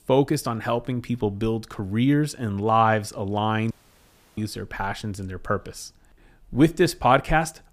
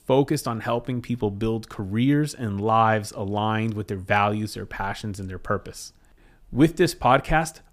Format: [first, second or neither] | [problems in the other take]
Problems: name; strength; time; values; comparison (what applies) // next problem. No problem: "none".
second | audio cutting out; at 3.5 s for 0.5 s